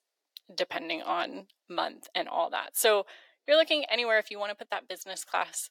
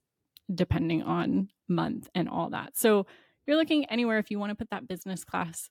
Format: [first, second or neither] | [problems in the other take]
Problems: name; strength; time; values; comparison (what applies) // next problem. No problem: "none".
second | thin; very; fading below 500 Hz